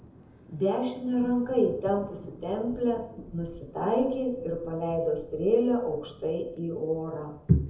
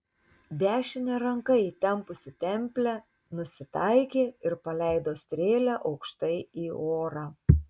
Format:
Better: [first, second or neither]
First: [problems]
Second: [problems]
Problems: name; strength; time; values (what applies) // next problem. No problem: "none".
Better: second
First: background sound (Thunder); 19 dB below the speech // room echo; dies away in 0.7 s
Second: none